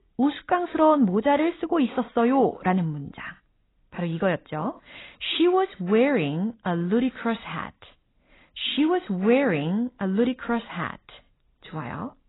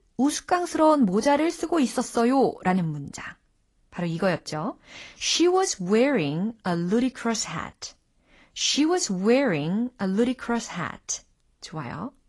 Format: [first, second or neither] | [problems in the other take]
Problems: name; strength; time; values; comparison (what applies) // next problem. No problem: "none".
second | garbled, watery; badly; nothing above 4 kHz; slightly in the second